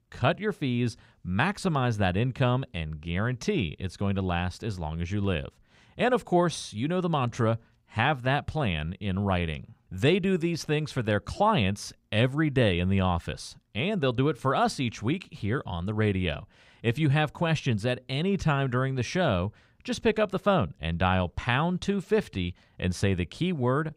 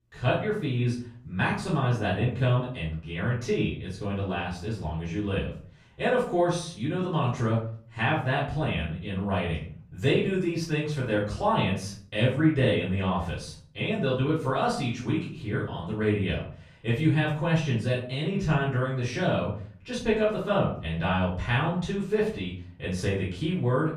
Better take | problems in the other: first | off-mic speech; far // room echo; noticeable; dies away in 0.4 s

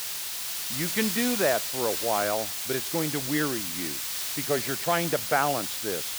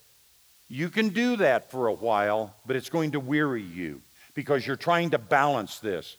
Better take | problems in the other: second | hiss; loud; throughout; as loud as the speech; faint in the second

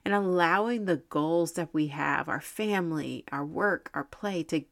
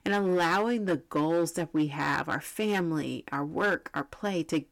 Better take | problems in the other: first | distortion; slight; 6% of the sound clipped

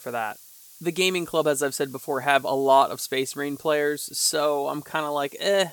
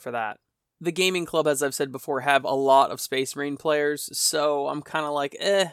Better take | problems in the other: second | hiss; faint; throughout; 20 dB below the speech

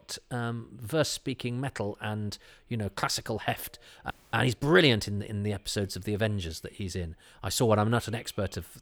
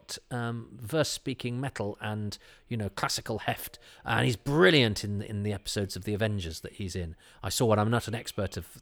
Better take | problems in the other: second | audio freezing; at 4 s

